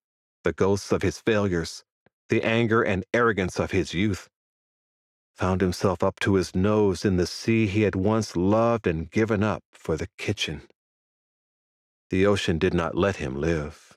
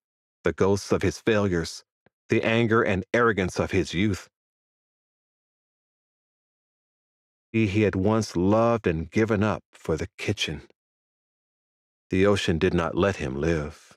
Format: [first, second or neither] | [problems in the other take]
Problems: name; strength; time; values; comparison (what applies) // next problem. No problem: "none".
first | audio cutting out; at 5 s for 2.5 s